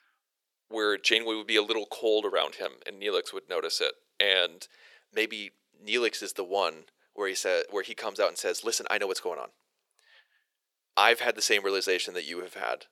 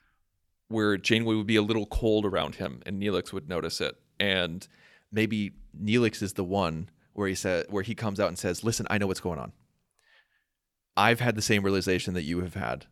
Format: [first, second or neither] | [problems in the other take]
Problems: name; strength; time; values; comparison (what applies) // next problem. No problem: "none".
second | thin; very; fading below 400 Hz